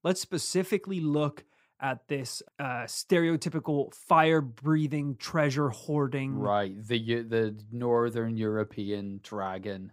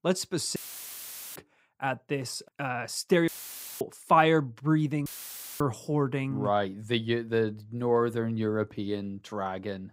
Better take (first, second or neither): first